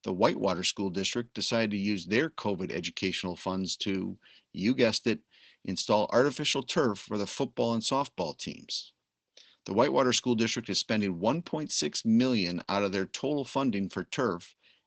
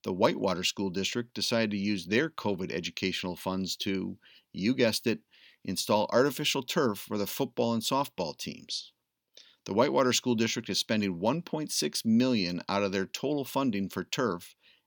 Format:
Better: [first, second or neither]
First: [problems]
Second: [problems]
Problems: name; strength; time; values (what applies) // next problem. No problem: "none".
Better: second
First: garbled, watery; badly; nothing above 8 kHz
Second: none